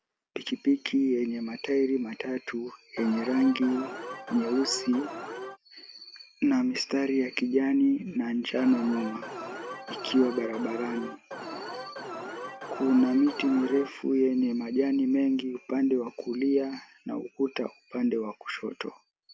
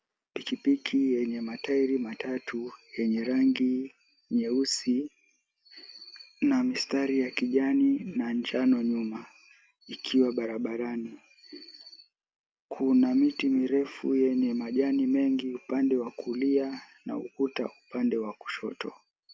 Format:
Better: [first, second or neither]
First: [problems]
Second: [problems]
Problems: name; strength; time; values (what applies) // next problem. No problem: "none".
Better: second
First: background sound (Alarm); 10 dB below the speech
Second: none